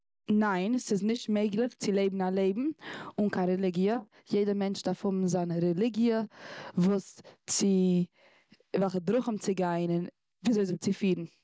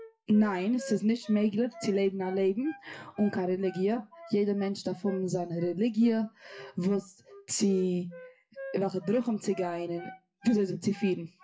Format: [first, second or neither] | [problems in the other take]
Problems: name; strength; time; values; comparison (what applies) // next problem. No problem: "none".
first | noise reduction (classical method WPE with log-MMSE)